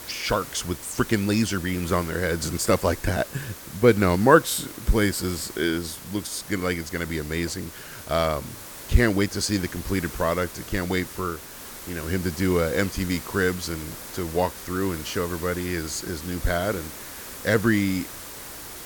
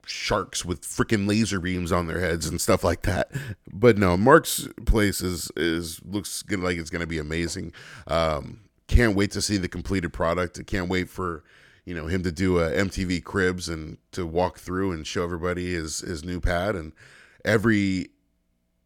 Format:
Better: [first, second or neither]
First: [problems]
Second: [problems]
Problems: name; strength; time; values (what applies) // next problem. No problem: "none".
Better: second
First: hiss; noticeable; throughout; 10 dB below the speech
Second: none